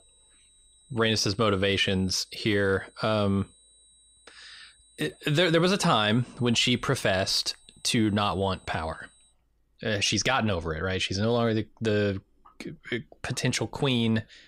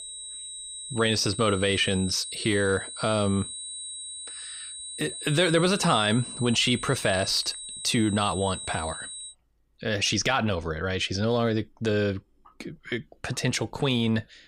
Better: first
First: high-pitched whine; faint; until 9.5 s; 4 kHz, 30 dB below the speech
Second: high-pitched whine; loud; until 9.5 s; 4 kHz, 10 dB below the speech

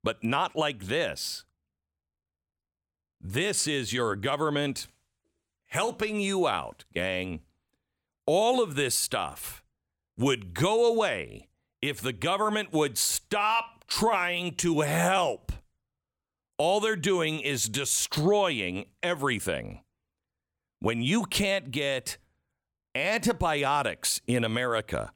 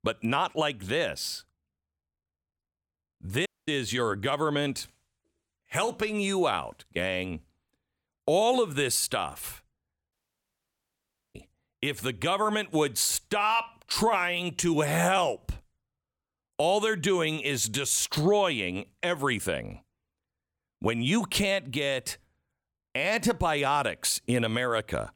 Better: first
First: none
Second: audio cutting out; at 3.5 s and at 10 s for 1 s

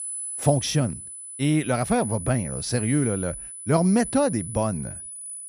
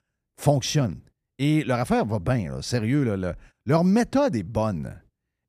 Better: second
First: high-pitched whine; loud; throughout; 10 kHz, 8 dB below the speech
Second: none

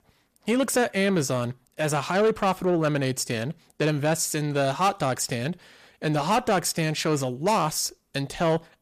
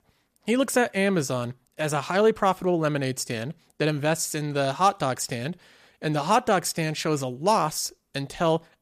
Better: second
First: distortion; slight; 10 dB below the speech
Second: none

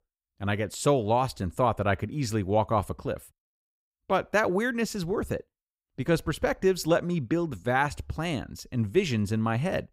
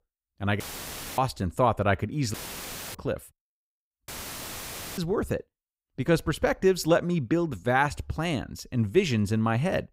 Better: first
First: none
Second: audio cutting out; filled with static; at 0.5 s for 0.5 s, at 2.5 s for 0.5 s and at 4 s for 1 s

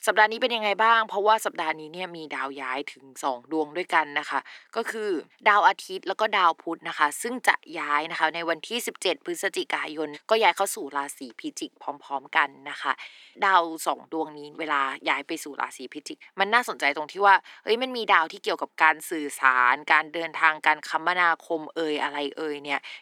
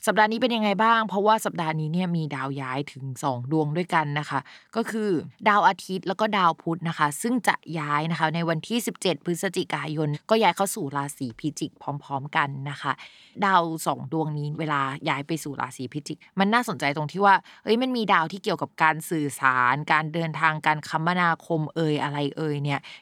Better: second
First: thin; somewhat; fading below 300 Hz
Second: none

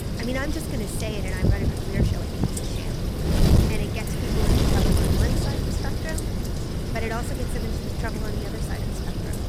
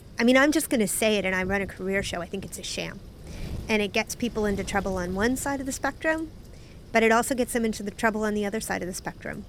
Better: second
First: wind noise on the microphone; heavy; 3 dB above the speech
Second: wind noise on the microphone; occasional gusts; 25 dB below the speech

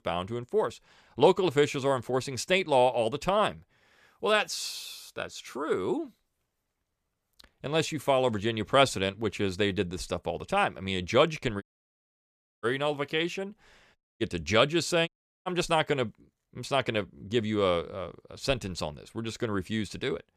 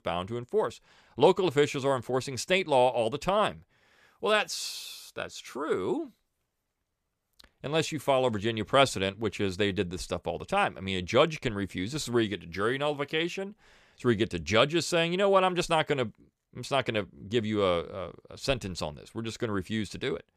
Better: second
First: audio cutting out; at 12 s for 1 s, at 14 s and at 15 s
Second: none

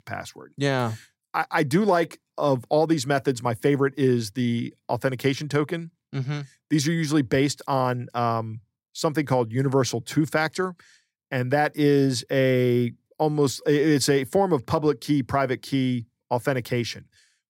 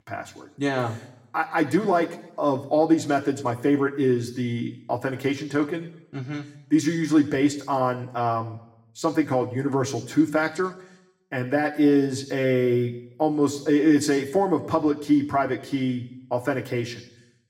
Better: first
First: none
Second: room echo; very slight; dies away in 0.7 s // off-mic speech; somewhat distant

